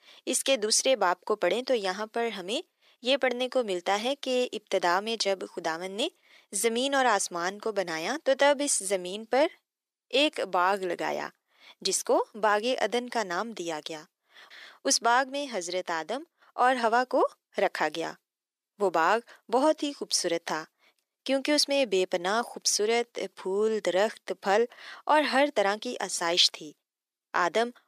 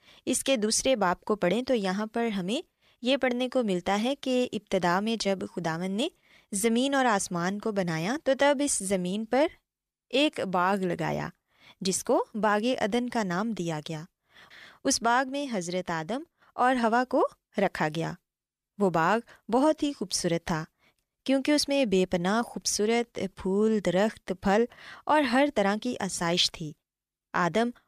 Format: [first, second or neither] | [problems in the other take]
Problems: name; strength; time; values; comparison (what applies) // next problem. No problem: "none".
second | thin; somewhat; fading below 350 Hz